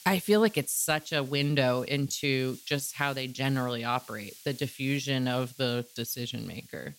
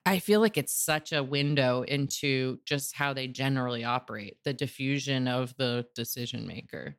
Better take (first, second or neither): second